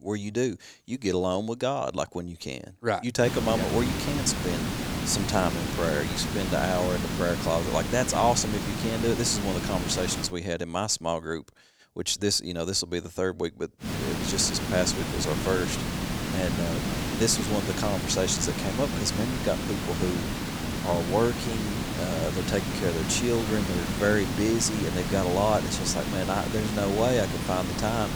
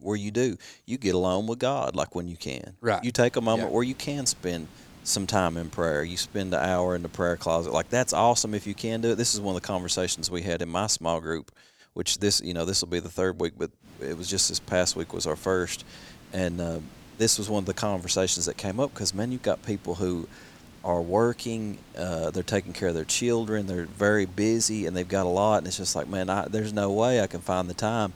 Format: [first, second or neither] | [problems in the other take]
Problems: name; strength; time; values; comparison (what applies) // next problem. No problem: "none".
second | hiss; loud; from 3 to 10 s and from 14 s on; 2 dB below the speech; faint in the second